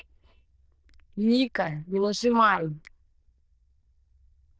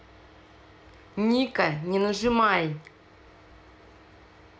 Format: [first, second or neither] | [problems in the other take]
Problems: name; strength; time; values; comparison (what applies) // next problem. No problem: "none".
second | noise reduction (neural diffusion model UNIVERSE++)